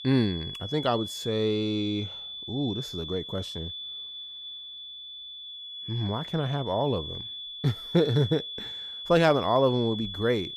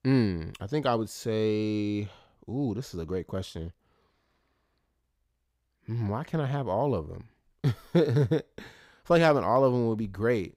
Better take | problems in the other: second | high-pitched whine; loud; throughout; 3.5 kHz, 9 dB below the speech

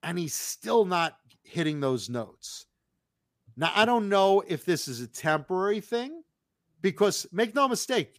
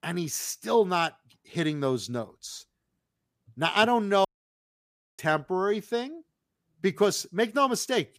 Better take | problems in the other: first | audio cutting out; at 4.5 s for 1 s

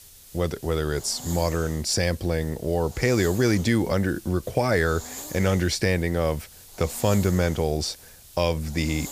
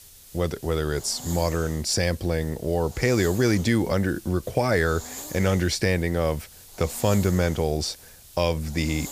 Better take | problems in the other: neither | hiss; noticeable; throughout; 15 dB below the speech; the same in both

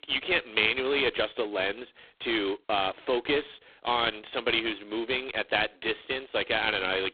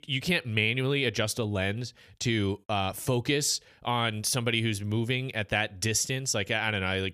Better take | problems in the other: second | phone-call audio; poor line

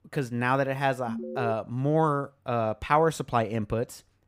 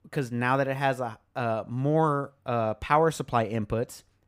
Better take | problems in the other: second | alarm; noticeable; at 1 s; peak 7 dB below the speech

